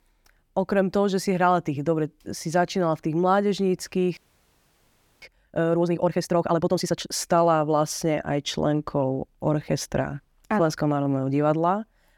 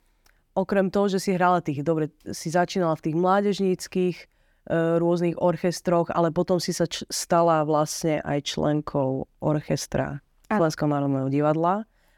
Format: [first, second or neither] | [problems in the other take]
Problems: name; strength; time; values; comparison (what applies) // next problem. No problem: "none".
second | audio freezing; at 4 s for 1 s